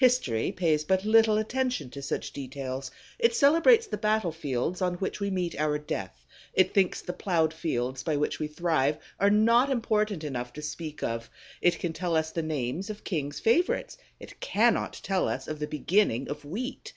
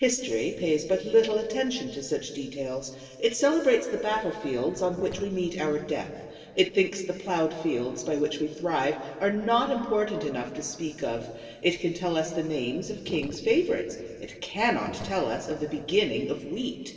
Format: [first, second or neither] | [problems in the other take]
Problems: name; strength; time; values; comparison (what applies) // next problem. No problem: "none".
first | noise reduction (neural separator model SepFormer DNS4)